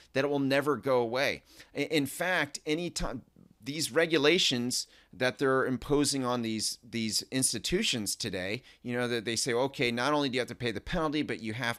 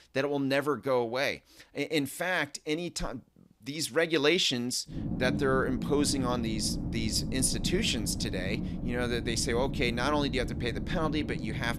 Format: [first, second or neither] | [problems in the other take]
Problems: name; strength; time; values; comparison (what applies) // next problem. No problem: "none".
first | low rumble; noticeable; from 5 s on; 10 dB below the speech